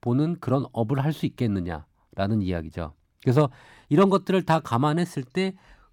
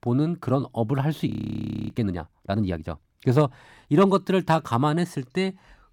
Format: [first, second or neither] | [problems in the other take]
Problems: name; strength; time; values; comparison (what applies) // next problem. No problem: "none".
first | audio freezing; at 1.5 s for 0.5 s